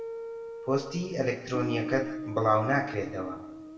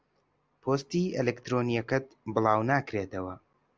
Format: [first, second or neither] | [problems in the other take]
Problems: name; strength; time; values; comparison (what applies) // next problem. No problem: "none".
second | background sound (Guitar); 8 dB below the speech // room echo; dies away in 0.9 s